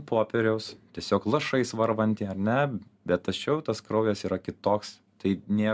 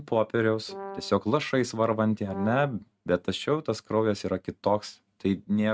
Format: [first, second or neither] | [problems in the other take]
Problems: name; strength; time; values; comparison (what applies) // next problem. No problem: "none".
first | noise reduction (neural mask model RNNoise)